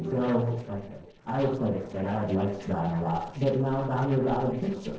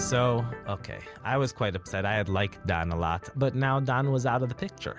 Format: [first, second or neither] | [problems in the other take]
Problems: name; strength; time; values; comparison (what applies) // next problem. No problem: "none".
second | noise reduction (neural separator model SepFormer DNS4)